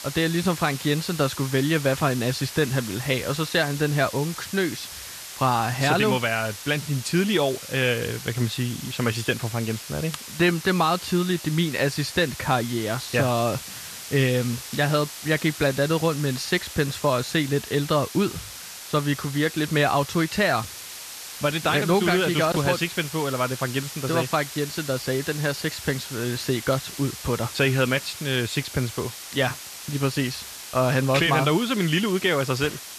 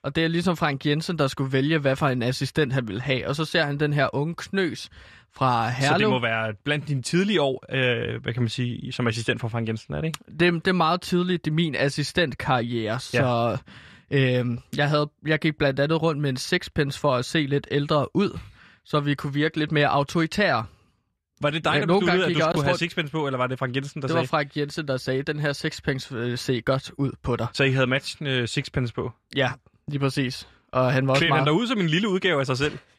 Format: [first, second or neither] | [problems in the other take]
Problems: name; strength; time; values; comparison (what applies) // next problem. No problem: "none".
second | hiss; noticeable; throughout; 10 dB below the speech